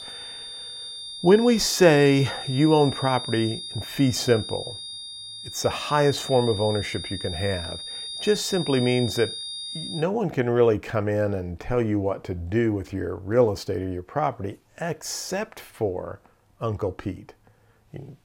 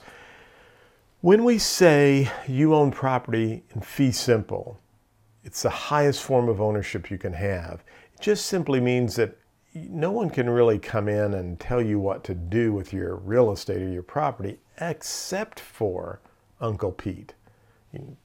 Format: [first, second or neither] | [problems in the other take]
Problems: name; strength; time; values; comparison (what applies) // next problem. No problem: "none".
second | high-pitched whine; loud; until 10 s; 3.5 kHz, 9 dB below the speech